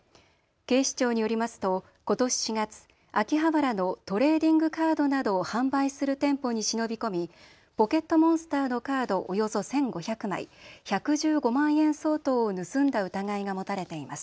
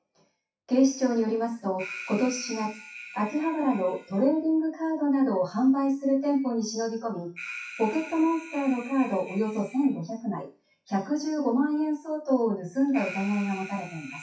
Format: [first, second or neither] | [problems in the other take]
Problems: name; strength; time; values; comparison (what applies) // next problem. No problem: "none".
first | noise reduction (classical method WPE with log-MMSE)